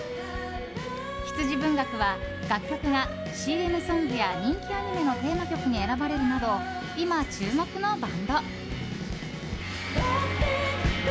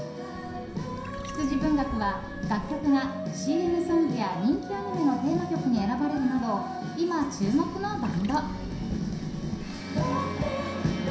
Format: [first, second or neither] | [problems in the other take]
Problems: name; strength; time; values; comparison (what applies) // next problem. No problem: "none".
first | background sound (Trickle, dribble / Chirp, tweet); 13 dB below the speech // room echo; dies away in 0.7 s